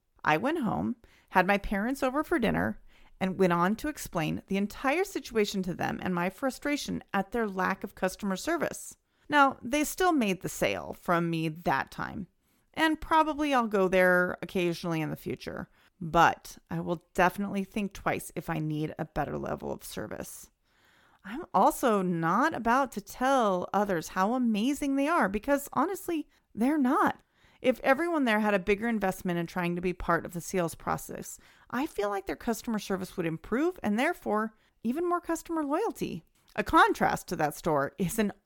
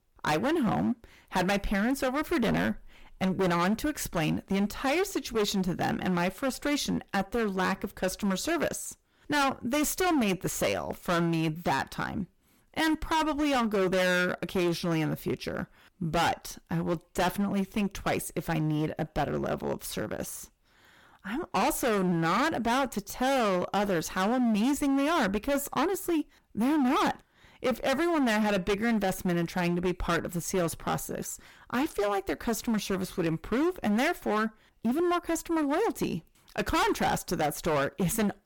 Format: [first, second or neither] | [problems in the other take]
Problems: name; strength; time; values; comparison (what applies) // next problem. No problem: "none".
first | distortion; heavy; 17% of the sound clipped